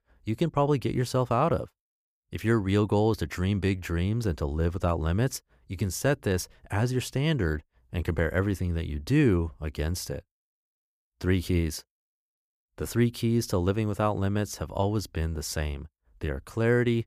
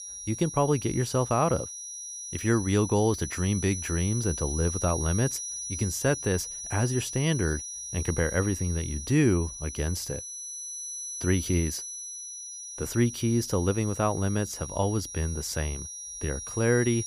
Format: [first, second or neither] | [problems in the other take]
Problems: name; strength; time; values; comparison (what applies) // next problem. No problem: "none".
first | high-pitched whine; loud; throughout; 6 kHz, 7 dB below the speech